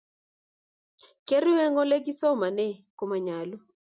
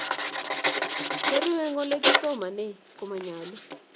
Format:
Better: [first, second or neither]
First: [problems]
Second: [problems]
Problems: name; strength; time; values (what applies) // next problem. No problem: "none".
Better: first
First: none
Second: background sound (Writing); 3 dB above the speech